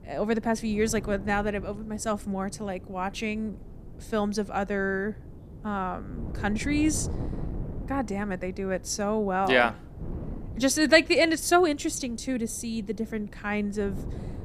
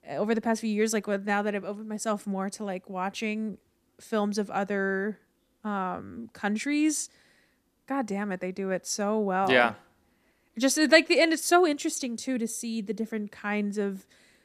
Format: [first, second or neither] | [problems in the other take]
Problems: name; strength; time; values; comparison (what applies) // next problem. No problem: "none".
second | wind noise on the microphone; occasional gusts; 20 dB below the speech